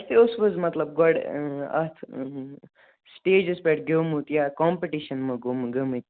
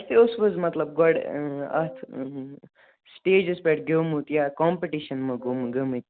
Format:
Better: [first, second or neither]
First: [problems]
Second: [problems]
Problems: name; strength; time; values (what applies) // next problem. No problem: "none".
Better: first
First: none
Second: background sound (Wind instrument, woodwind instrument); 17 dB below the speech